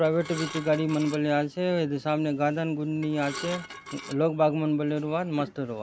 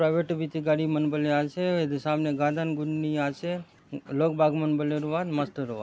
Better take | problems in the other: second | background sound (Dishes, pots, and pans / Glass); 13 dB below the speech

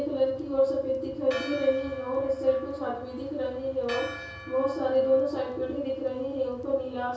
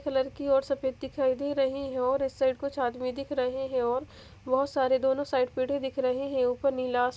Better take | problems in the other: second | background sound (Church bell); 16 dB below the speech // room echo; dies away in 0.6 s

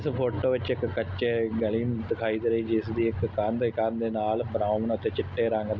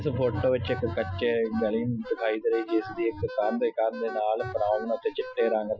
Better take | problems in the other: first | noise reduction (classical method Wiener filter)

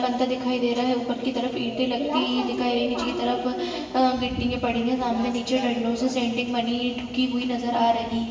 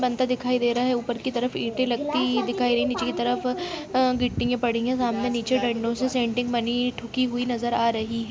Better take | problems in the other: second | room echo; dies away in 1.2 s

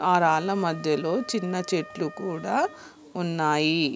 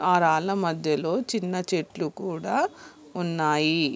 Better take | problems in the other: second | background sound (Wind instrument, woodwind instrument); 20 dB below the speech

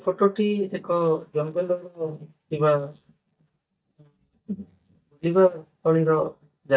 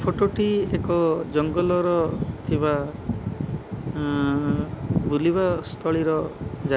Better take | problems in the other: second | noise reduction (neural mask model DeepFilterNet 3)

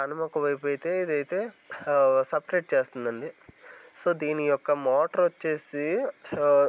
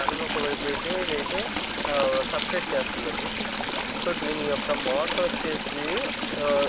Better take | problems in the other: first | background sound (Stream / Trickle, dribble); as loud as the speech

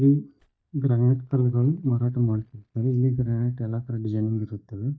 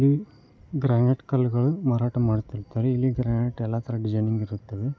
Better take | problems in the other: second | noise reduction (neural mask model DeepFilterNet 3)

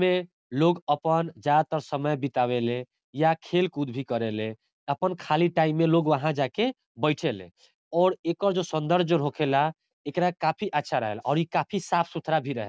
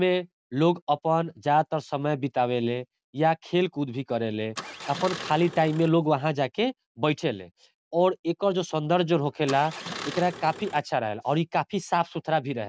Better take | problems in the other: first | background sound (Engine starting); 13 dB below the speech

